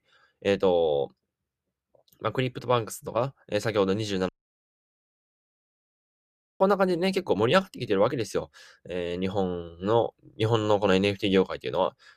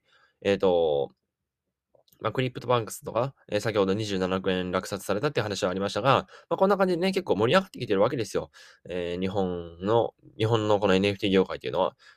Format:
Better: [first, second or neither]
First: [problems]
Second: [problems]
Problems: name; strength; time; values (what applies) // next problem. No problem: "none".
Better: second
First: audio cutting out; at 4.5 s for 2.5 s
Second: none